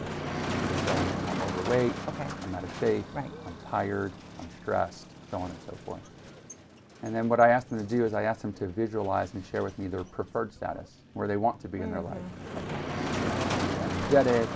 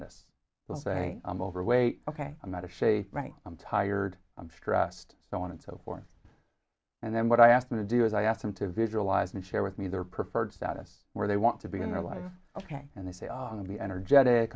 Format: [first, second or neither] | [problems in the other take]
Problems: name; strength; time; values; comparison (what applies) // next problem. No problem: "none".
second | background sound (Motor vehicle (road)); 6 dB below the speech